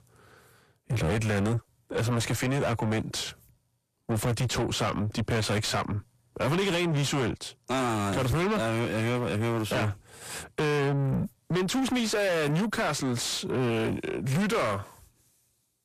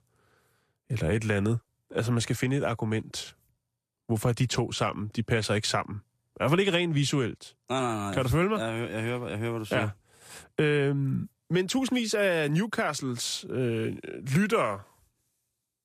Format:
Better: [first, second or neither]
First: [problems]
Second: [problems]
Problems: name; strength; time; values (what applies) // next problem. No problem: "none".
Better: second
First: distortion; heavy; 6 dB below the speech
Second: none